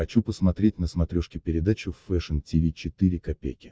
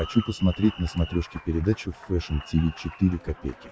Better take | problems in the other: first | background sound (Applause); 18 dB below the speech

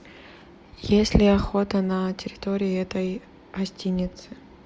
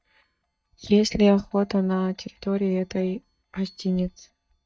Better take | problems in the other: first | noise reduction (neural mask model DeepFilterNet 3)

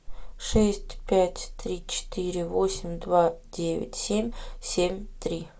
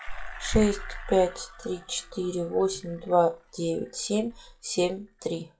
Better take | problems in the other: first | noise reduction (classical method log-MMSE)

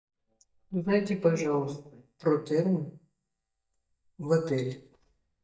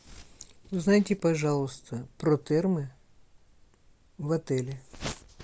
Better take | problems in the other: second | noise reduction (neural mask model DeepFilterNet 3)

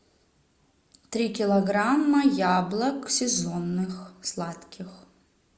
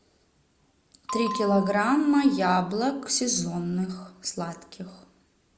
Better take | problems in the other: first | background sound (Bell); 11 dB below the speech

